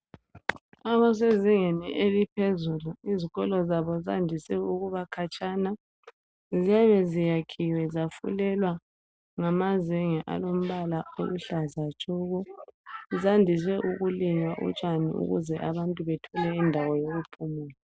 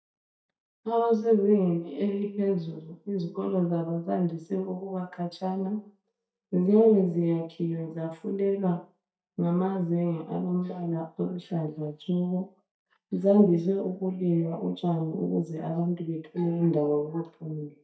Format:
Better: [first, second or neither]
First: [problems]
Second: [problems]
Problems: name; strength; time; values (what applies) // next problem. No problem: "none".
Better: first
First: none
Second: noise reduction (neural mask model DeepFilterNet 3)